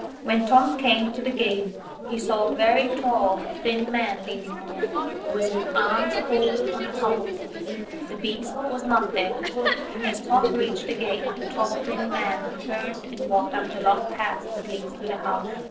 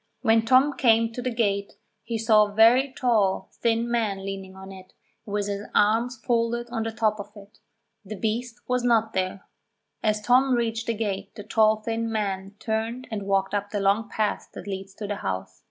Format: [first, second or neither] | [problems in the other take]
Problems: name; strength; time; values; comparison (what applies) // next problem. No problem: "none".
second | noise reduction (neural separator model SepFormer DNS4)